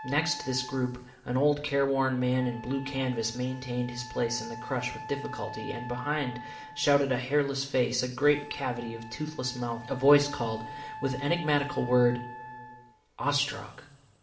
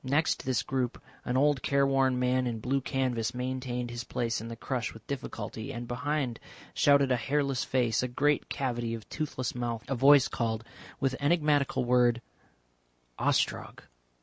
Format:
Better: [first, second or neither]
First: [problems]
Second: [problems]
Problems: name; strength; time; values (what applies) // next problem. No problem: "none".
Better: second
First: background sound (Wind instrument, woodwind instrument); 15 dB below the speech // room echo; dies away in 1.8 s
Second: none